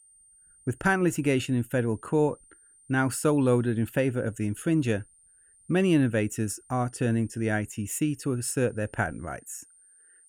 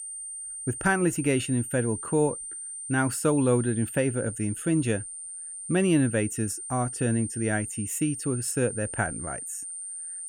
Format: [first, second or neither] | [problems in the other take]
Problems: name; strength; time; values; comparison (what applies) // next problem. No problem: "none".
first | high-pitched whine; loud; throughout; 9 kHz, 8 dB below the speech; faint in the first